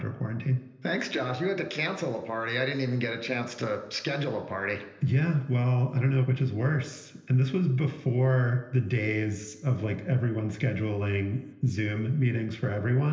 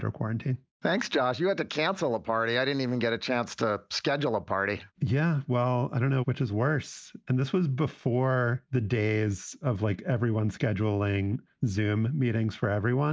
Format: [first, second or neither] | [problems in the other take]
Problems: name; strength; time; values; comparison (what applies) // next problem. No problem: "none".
second | room echo; dies away in 1.4 s